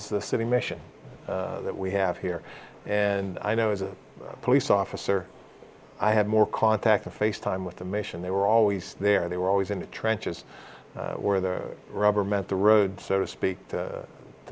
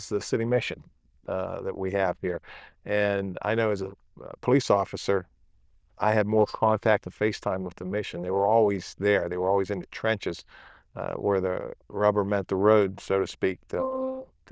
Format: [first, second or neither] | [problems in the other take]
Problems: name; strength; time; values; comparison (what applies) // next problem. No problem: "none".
first | noise reduction (neural diffusion model UNIVERSE++)